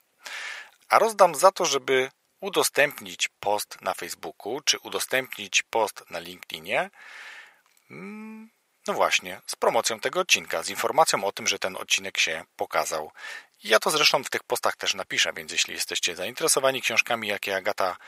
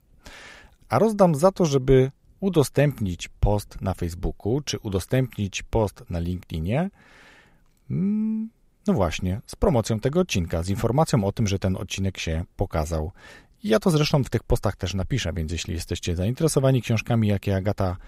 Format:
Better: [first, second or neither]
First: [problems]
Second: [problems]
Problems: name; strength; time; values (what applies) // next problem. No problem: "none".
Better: second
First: thin; very; fading below 850 Hz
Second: none